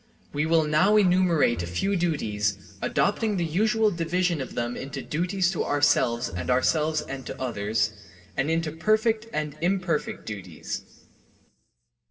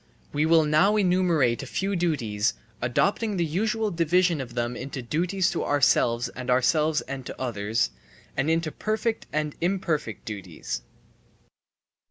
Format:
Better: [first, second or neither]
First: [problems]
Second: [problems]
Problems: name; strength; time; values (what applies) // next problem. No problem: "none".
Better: second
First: background sound (Bowed string instrument); 16 dB below the speech // room echo; dies away in 1.6 s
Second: none